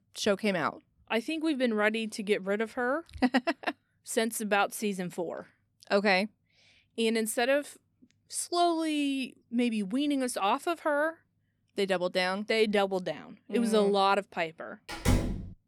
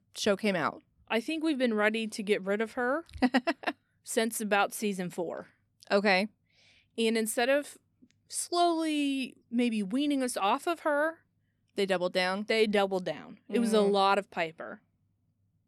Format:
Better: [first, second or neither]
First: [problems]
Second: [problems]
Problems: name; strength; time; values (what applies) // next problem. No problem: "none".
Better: second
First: door banging; loud; at 15 s; peak level with the speech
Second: none